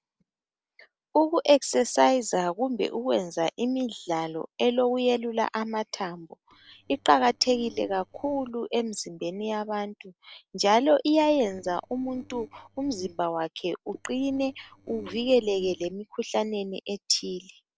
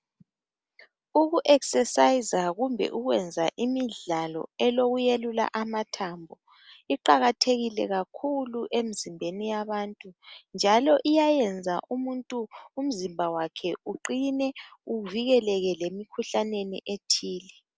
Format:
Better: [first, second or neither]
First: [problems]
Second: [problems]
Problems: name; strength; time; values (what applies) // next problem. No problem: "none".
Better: second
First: noise reduction (neural separator model SepFormer DNS4)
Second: none